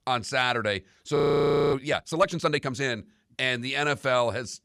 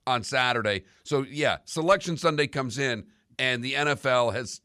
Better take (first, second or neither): second